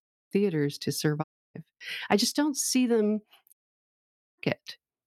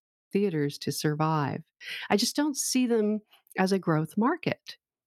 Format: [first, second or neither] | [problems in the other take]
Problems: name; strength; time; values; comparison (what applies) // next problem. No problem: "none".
second | audio cutting out; at 1 s and at 3.5 s for 1 s